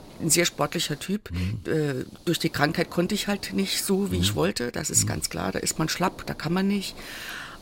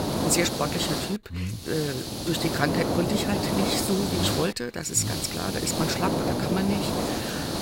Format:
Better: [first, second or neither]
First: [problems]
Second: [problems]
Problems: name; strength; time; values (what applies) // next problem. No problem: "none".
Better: first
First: hiss; faint; throughout; 20 dB below the speech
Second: hiss; loud; throughout; as loud as the speech